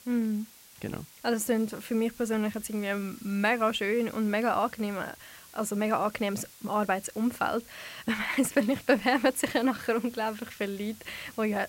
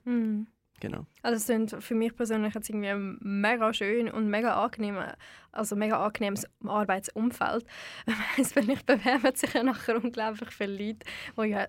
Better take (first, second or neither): second